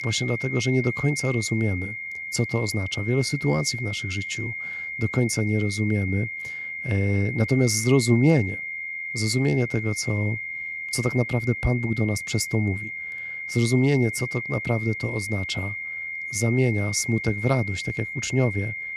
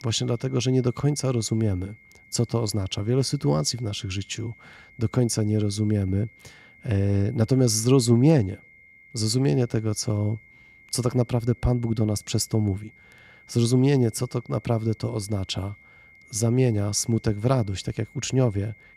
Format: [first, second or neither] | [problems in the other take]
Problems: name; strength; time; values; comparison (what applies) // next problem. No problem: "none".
second | high-pitched whine; loud; throughout; 2 kHz, 6 dB below the speech; faint in the second